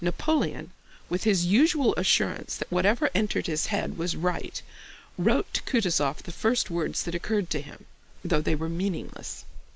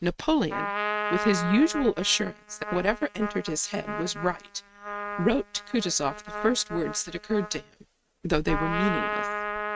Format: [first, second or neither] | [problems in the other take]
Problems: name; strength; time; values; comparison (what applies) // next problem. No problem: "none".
first | noise reduction (neural mask model RNNoise)